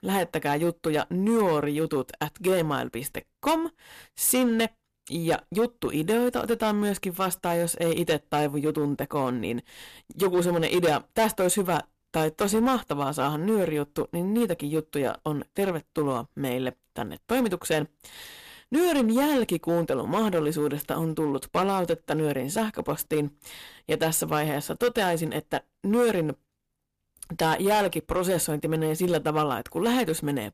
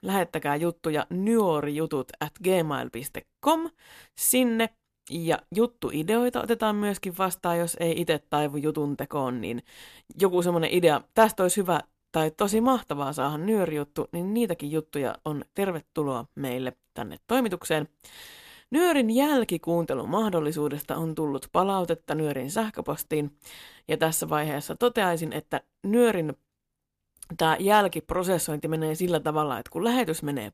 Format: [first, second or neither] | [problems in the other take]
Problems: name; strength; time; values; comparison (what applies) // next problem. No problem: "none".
second | distortion; slight; 6% of the sound clipped